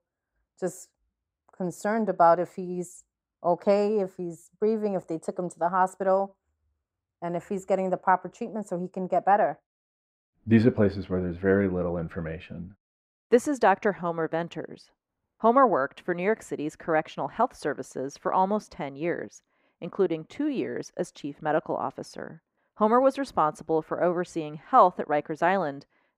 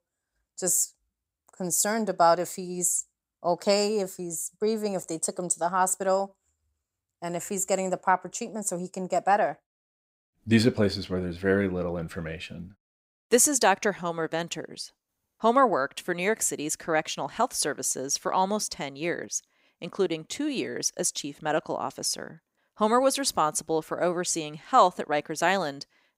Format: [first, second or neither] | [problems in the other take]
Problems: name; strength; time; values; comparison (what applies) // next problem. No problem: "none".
second | muffled; very; fading above 3 kHz